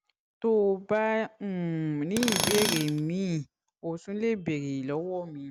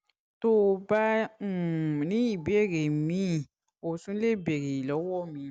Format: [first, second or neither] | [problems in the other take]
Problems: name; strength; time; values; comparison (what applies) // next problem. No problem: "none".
second | background sound (Tools); 2 dB below the speech